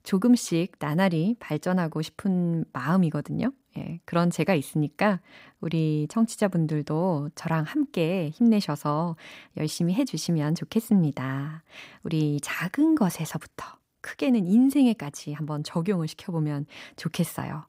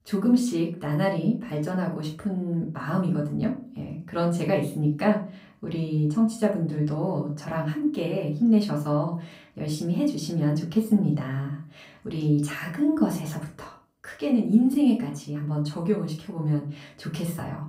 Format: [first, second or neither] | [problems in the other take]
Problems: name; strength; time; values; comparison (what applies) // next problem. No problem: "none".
first | off-mic speech; far // room echo; slight; dies away in 0.3 s